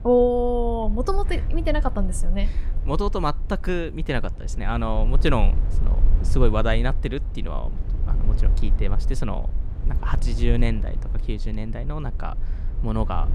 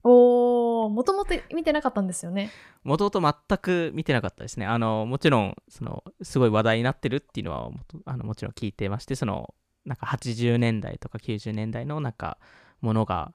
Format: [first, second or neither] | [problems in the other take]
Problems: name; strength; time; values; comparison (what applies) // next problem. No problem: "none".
second | low rumble; noticeable; throughout; 20 dB below the speech